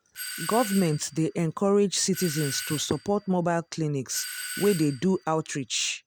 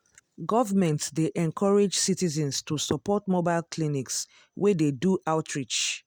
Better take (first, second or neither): second